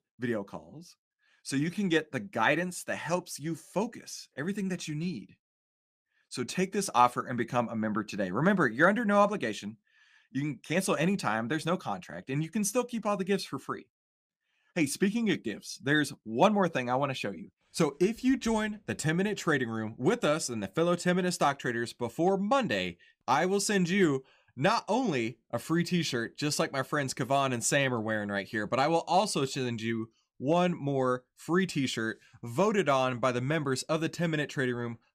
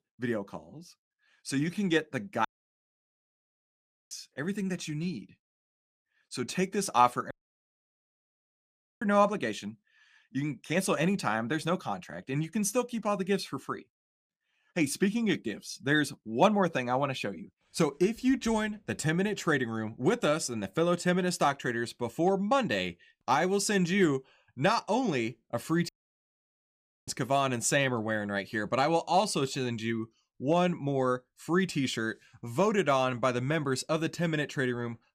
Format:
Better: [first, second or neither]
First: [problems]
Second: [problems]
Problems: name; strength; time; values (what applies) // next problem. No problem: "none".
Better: first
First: none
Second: audio cutting out; at 2.5 s for 1.5 s, at 7.5 s for 1.5 s and at 26 s for 1 s